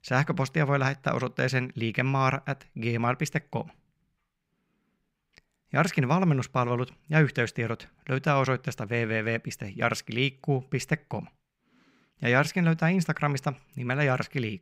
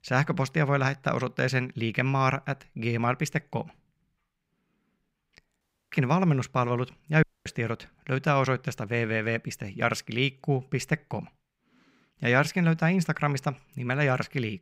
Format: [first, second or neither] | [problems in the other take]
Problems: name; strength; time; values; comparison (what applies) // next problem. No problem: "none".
first | audio cutting out; at 5.5 s and at 7 s